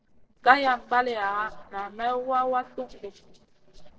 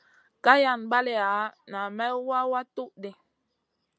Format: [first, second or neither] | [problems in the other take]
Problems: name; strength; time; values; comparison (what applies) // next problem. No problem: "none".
second | noise reduction (neural separator model SepFormer DNS4)